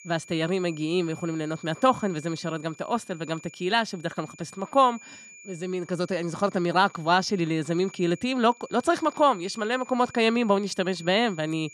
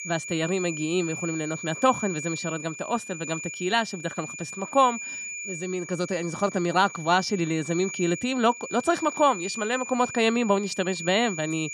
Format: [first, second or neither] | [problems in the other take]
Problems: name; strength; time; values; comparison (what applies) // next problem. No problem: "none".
first | high-pitched whine; loud; throughout; 2.5 kHz, 9 dB below the speech; faint in the first